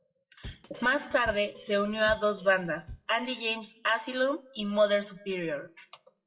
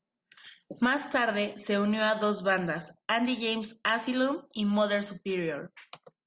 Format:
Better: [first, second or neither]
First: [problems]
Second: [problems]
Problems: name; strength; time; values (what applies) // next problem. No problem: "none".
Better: second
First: noise reduction (classical method WPE with log-MMSE)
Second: none